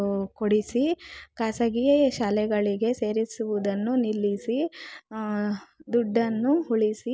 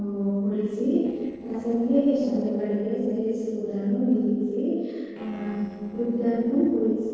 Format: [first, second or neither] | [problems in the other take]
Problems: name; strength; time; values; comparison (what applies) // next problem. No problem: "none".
first | noise reduction (neural separator model SepFormer DNS4)